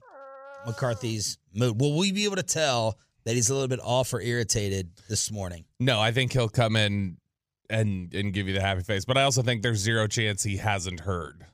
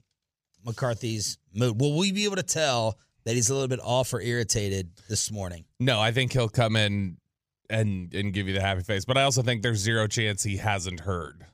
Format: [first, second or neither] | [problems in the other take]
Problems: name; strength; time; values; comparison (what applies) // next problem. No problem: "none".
second | dog barking; faint; until 1 s; peak 20 dB below the speech